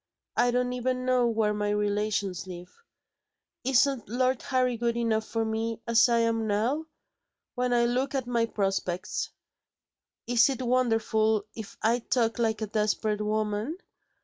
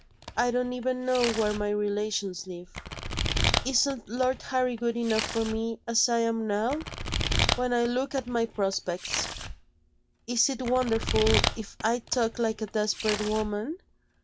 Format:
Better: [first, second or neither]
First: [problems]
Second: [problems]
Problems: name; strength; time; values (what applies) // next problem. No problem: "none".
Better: first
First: none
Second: background sound (Domestic sounds, home sounds); 5 dB below the speech